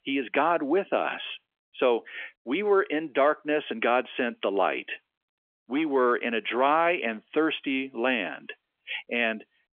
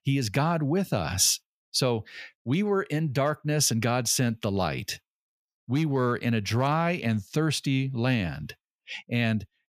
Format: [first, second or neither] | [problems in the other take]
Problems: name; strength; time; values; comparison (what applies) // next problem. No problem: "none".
second | phone-call audio; nothing above 3.5 kHz